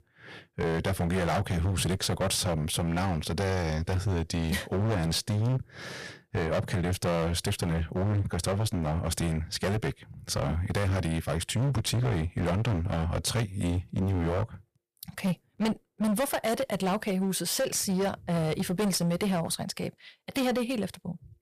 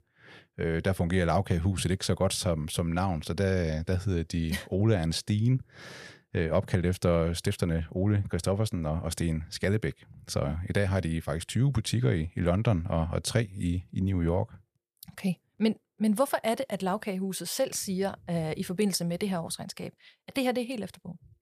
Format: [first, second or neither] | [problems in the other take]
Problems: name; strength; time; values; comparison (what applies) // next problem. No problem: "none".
second | distortion; heavy; 21% of the sound clipped